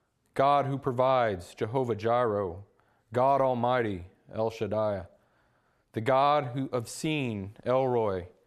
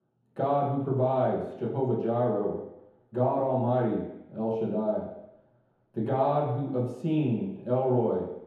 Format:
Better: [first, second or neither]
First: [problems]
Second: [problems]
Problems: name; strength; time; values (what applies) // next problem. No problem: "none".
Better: first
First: none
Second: room echo; noticeable; dies away in 1 s // off-mic speech; far